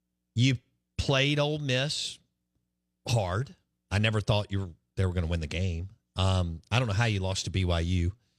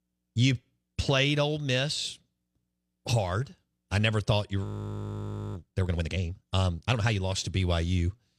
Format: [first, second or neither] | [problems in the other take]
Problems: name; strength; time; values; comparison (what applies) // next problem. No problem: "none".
first | audio freezing; at 4.5 s for 1 s